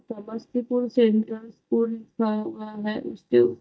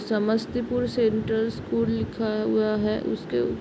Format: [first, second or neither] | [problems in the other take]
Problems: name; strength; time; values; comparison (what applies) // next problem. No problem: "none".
second | noise reduction (neural mask model DeepFilterNet 3)